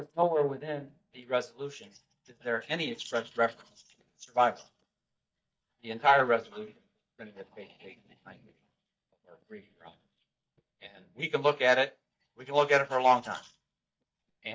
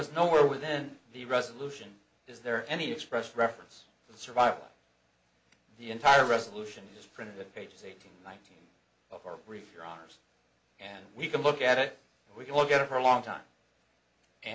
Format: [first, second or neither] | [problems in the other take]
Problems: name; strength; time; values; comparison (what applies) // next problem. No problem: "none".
second | noise reduction (neural mask model DeepFilterNet 3)